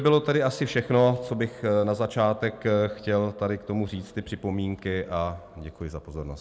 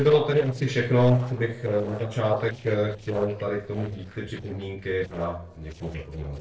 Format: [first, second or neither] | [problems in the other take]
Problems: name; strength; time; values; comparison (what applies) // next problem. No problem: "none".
first | noise reduction (neural separator model SepFormer DNS4)